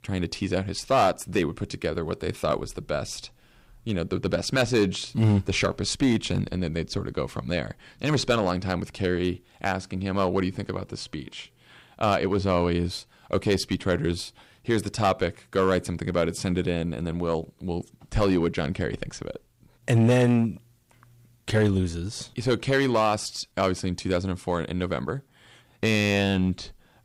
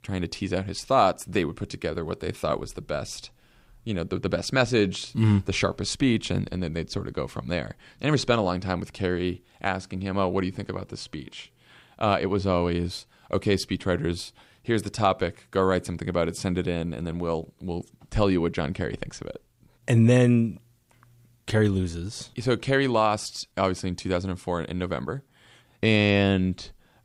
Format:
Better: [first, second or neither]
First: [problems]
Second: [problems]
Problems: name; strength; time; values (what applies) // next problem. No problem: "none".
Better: second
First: distortion; slight; 3% of the sound clipped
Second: none